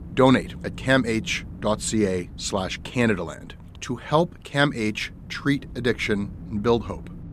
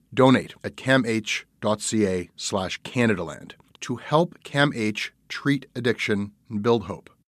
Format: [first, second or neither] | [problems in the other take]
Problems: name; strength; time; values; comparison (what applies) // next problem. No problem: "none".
second | wind noise on the microphone; occasional gusts; 25 dB below the speech